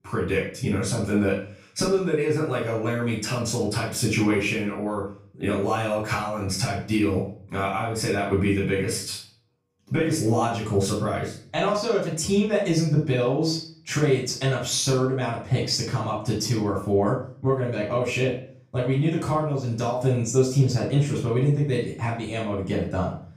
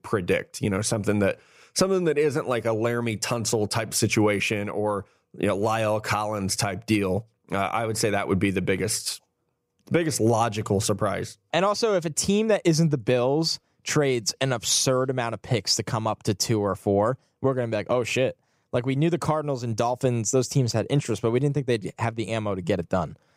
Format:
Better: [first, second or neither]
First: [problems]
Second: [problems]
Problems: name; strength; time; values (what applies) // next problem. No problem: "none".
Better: second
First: off-mic speech; far // room echo; noticeable; dies away in 0.4 s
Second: none